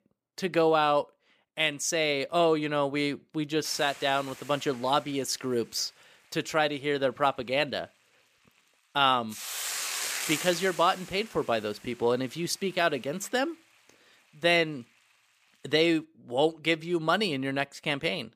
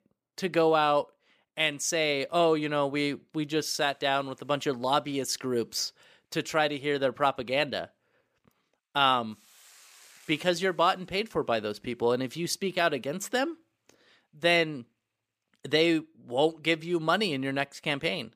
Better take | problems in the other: second | hiss; loud; from 3.5 to 16 s; 7 dB below the speech; faint in the second

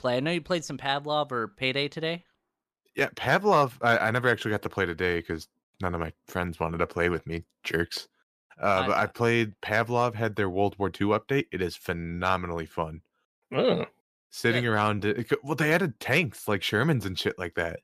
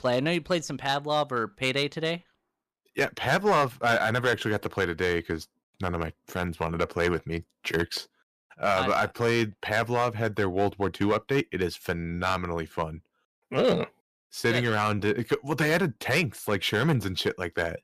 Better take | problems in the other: first | distortion; slight; 3% of the sound clipped

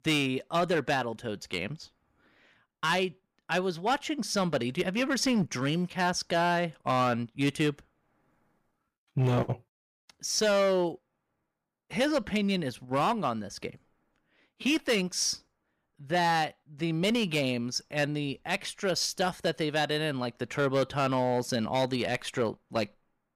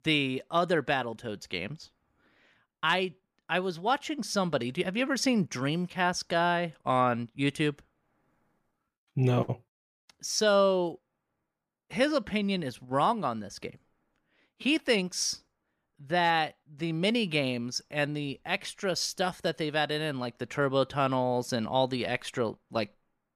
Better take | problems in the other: second | distortion; slight; 5% of the sound clipped

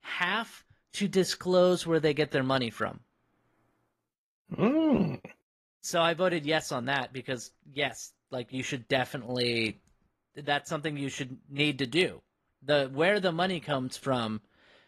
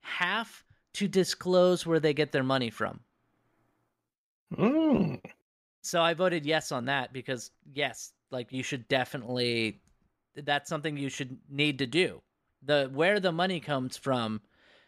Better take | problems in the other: second | garbled, watery; slightly

